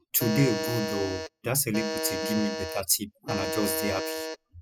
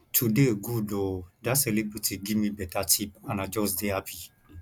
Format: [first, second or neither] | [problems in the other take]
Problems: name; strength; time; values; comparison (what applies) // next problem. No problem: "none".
second | noise reduction (classical method spectral subtraction)